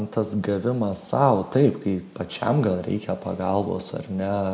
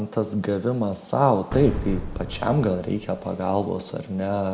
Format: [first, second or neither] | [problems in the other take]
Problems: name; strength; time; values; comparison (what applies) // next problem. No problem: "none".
first | background sound (Boom); 9 dB below the speech